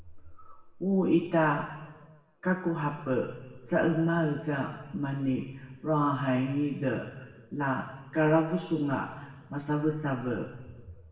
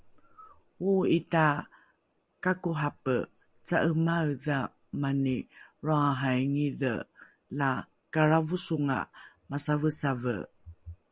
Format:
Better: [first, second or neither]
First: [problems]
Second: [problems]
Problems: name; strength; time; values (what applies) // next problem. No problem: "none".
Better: second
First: room echo; dies away in 1.2 s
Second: none